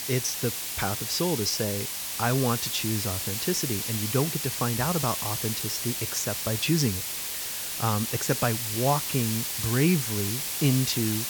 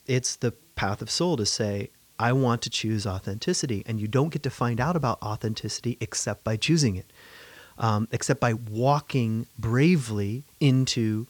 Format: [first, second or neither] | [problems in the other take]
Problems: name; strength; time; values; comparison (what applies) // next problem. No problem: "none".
second | hiss; loud; throughout; 1 dB below the speech; faint in the second